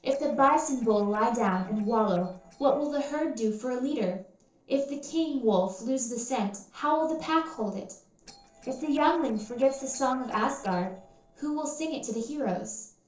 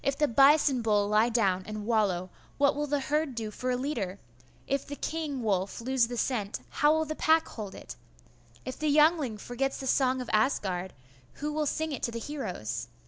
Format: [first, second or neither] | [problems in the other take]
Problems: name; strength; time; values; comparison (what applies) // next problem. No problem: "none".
second | noise reduction (neural separator model SepFormer DNS4)